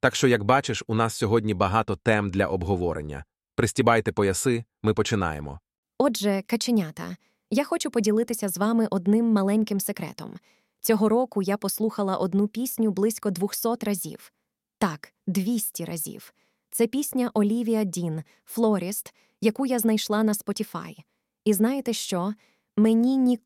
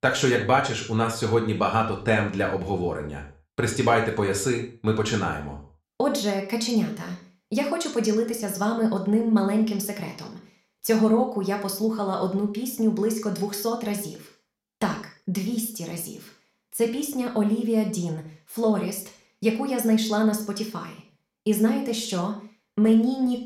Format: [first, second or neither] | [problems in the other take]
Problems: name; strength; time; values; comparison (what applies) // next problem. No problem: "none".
first | room echo; noticeable; dies away in 0.4 s // off-mic speech; somewhat distant